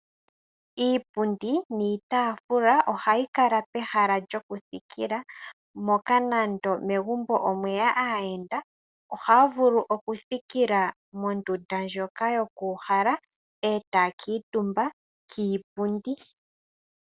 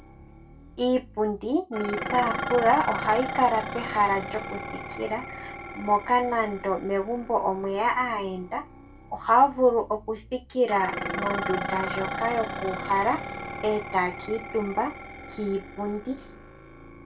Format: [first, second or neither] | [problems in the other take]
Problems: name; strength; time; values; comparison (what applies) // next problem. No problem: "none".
first | background sound (Dishes, pots, and pans); 9 dB below the speech // room echo; dies away in 0.2 s